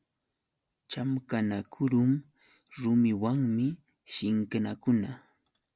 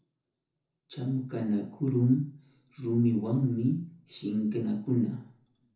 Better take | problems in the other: first | room echo; dies away in 0.6 s

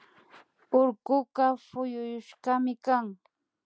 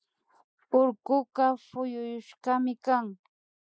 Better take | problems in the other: first | noise reduction (neural mask model Resemble Enhance denoiser)

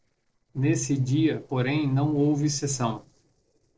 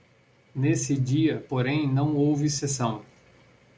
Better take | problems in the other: second | noise reduction (neural separator model SepFormer DNS4)

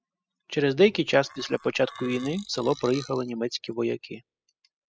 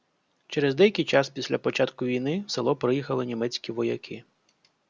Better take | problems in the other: second | noise reduction (classical method spectral subtraction)

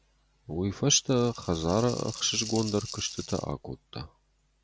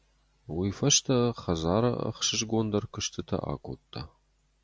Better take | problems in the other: second | background sound (Rattle (instrument)); 12 dB below the speech

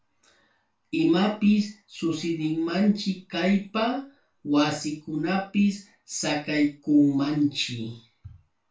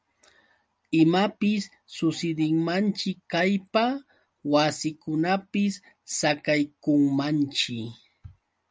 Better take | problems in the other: second | room echo; dies away in 0.3 s

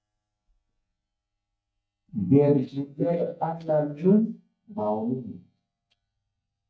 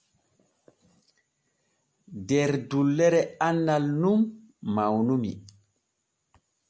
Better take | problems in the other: second | noise reduction (neural mask model DeepFilterNet 3)

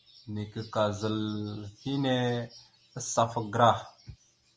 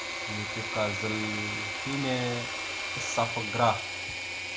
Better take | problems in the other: first | background sound (Engine / Mechanisms); 1 dB below the speech

